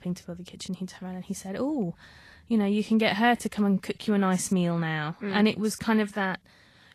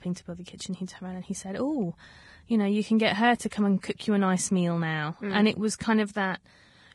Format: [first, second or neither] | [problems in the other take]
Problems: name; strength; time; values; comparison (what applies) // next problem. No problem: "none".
first | garbled, watery; badly; nothing above 10.5 kHz; slightly in the first